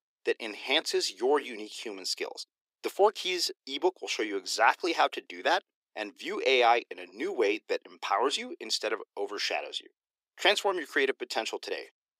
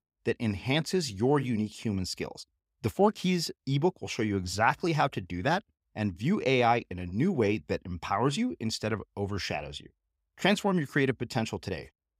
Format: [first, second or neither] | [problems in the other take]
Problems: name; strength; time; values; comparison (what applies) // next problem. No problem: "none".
second | thin; very; fading below 350 Hz